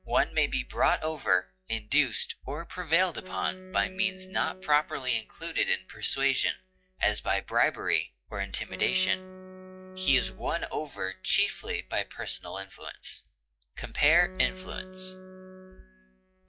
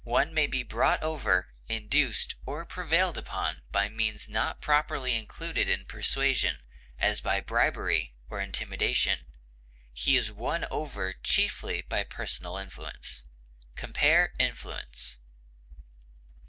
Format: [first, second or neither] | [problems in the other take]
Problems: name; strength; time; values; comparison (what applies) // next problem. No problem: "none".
second | noise reduction (classical method log-MMSE)